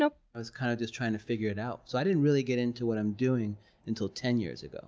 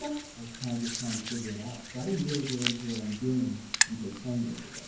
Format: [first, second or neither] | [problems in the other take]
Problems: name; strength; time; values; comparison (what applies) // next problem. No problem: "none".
first | background sound (Hands); 3 dB below the speech // room echo; dies away in 0.9 s